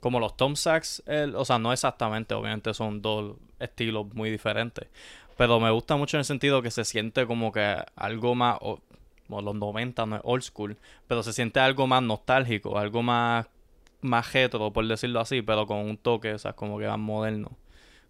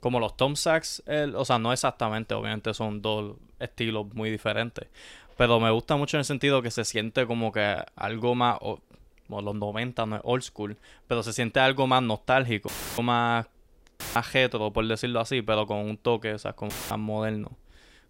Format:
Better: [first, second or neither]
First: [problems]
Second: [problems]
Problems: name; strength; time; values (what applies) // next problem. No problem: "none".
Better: first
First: none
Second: audio cutting out; filled with static; at 13 s, at 14 s and at 17 s